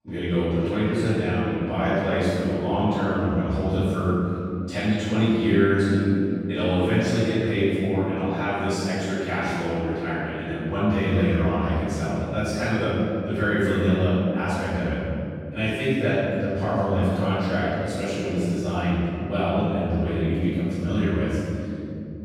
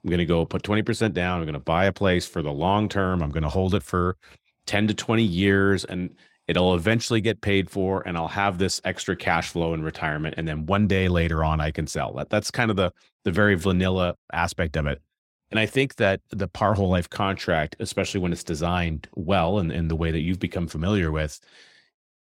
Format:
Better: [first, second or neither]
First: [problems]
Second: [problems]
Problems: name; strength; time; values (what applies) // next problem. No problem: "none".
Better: second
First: off-mic speech; far // room echo; strong; dies away in 3 s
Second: none